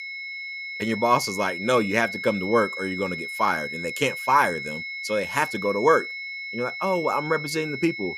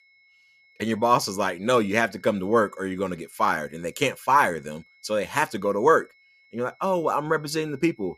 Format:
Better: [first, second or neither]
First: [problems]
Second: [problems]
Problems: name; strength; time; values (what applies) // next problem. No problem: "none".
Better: second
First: high-pitched whine; loud; throughout; 2 kHz, 7 dB below the speech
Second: high-pitched whine; faint; throughout; 2 kHz, 30 dB below the speech